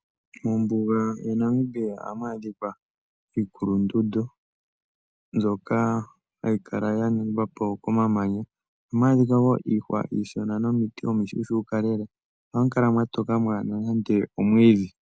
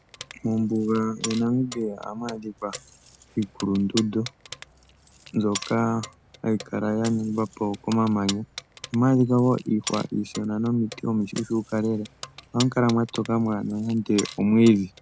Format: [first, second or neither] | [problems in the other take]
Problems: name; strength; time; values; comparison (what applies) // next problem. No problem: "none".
first | background sound (Keys jangling); 16 dB below the speech